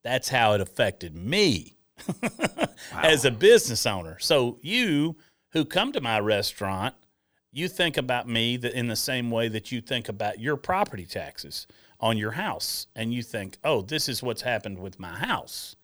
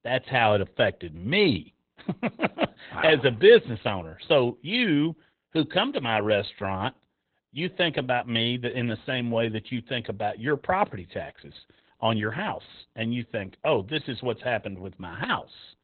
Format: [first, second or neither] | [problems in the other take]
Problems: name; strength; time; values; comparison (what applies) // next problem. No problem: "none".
first | garbled, watery; badly; nothing above 4 kHz